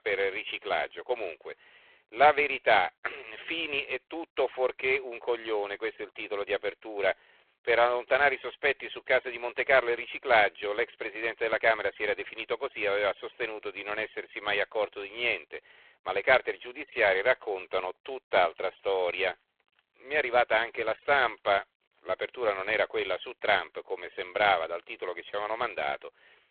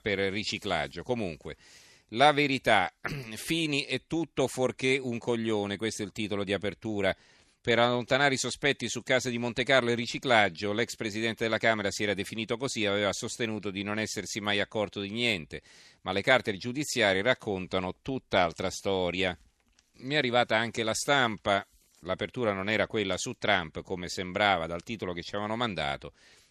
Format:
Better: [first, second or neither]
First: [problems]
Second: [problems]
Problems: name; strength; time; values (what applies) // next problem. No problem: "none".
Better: second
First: phone-call audio; poor line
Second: none